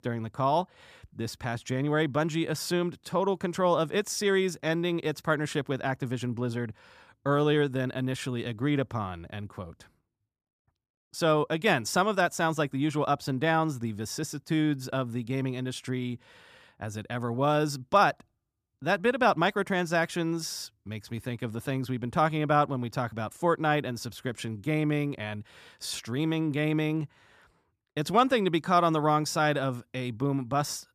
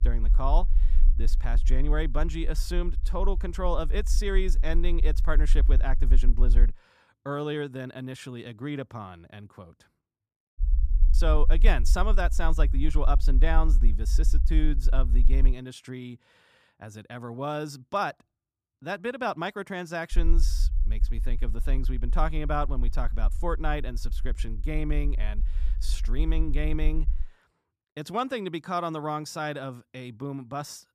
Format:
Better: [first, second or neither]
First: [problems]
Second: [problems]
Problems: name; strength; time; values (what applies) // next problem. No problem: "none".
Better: first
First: none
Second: low rumble; noticeable; until 6.5 s, from 11 to 16 s and from 20 to 27 s; 20 dB below the speech